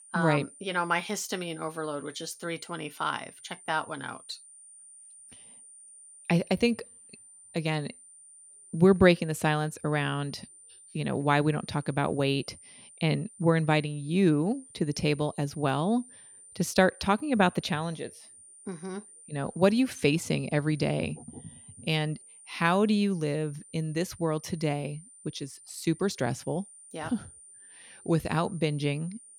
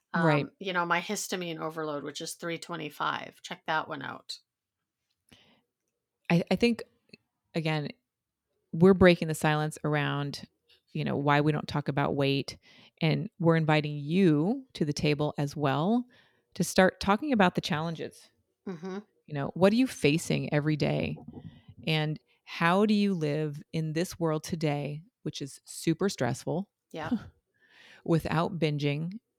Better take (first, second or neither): second